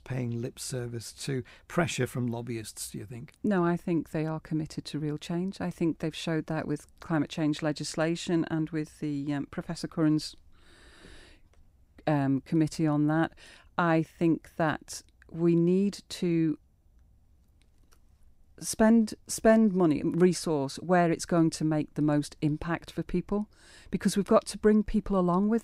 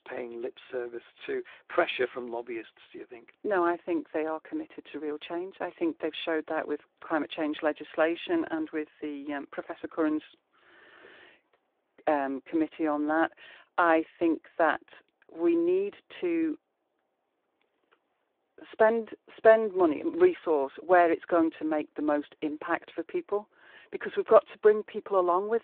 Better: first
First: none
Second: phone-call audio; nothing above 3.5 kHz

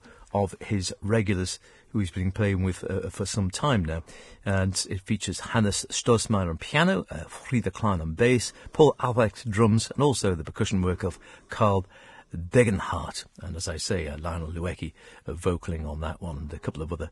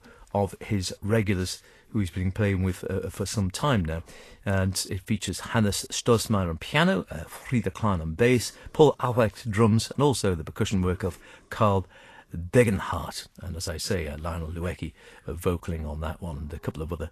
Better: second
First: garbled, watery; badly; nothing above 10 kHz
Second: garbled, watery; slightly; nothing above 12.5 kHz

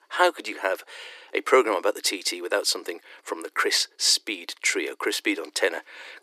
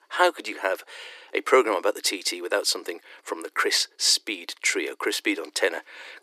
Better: neither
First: thin; very; fading below 300 Hz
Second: thin; very; fading below 300 Hz

